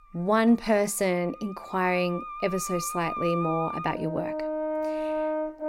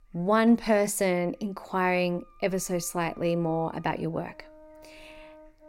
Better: second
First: background music; loud; throughout; 5 dB below the speech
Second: background music; faint; throughout; 25 dB below the speech

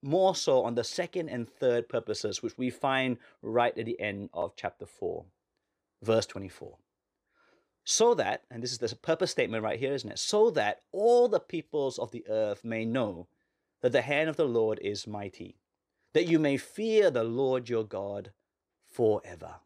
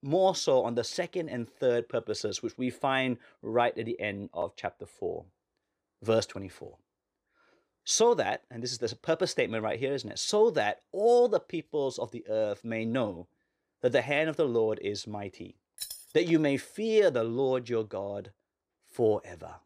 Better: first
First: none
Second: jangling keys; noticeable; at 16 s; peak 10 dB below the speech

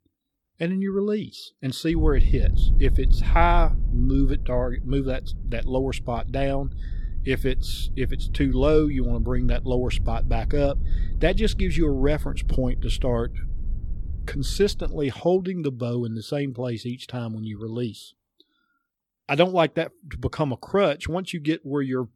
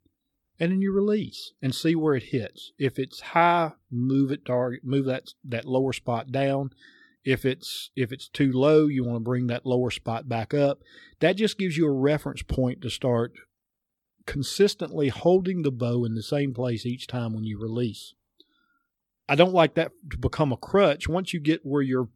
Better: second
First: low rumble; faint; from 2 to 15 s; 20 dB below the speech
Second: none

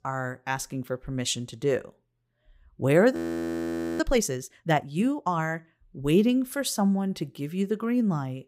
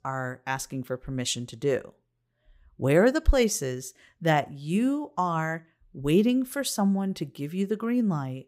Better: second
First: audio freezing; at 3 s for 1 s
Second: none

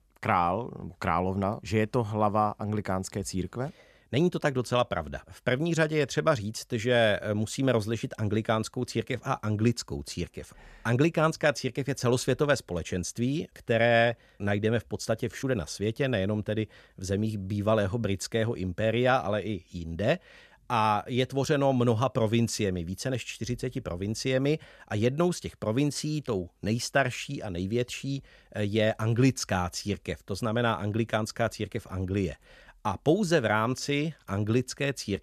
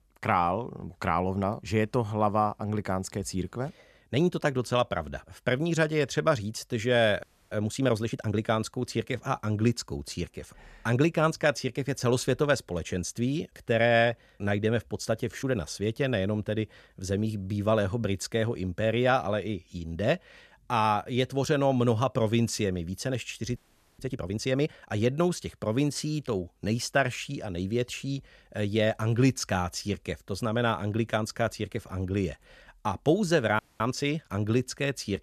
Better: first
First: none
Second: audio freezing; at 7 s, at 24 s and at 34 s

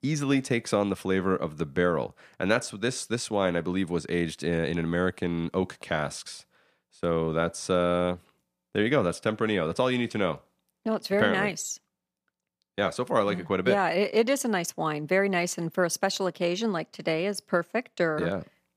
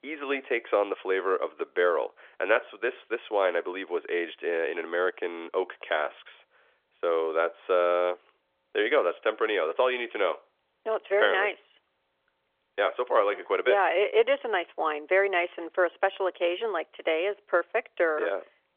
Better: first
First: none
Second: phone-call audio; nothing above 3.5 kHz

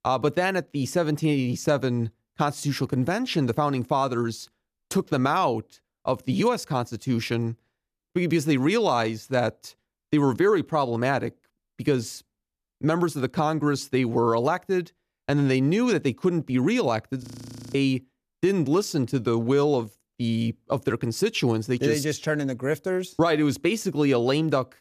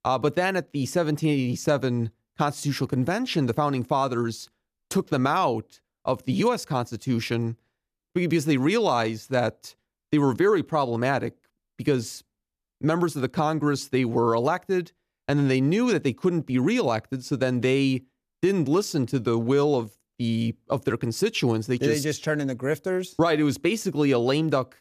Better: second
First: audio freezing; at 17 s for 0.5 s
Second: none

